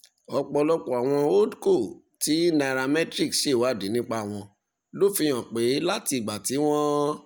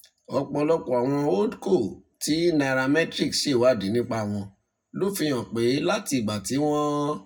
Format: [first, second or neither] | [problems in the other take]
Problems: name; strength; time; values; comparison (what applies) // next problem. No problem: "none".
first | room echo; dies away in 0.3 s